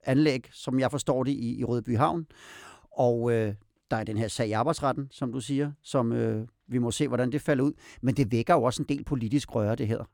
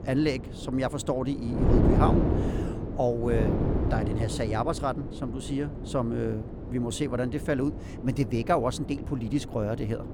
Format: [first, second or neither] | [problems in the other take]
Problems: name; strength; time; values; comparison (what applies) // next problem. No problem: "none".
first | wind noise on the microphone; heavy; 5 dB below the speech